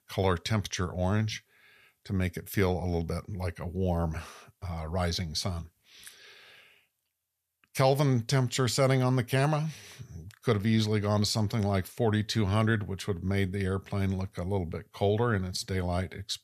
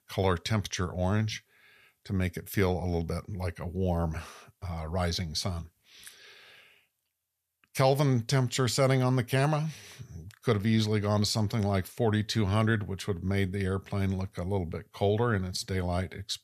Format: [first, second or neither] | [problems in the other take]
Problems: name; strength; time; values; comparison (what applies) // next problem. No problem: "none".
neither | none